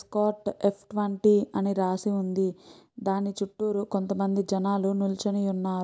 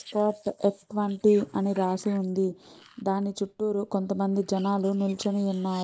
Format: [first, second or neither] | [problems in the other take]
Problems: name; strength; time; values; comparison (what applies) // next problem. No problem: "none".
first | noise reduction (neural mask model Resemble Enhance denoiser)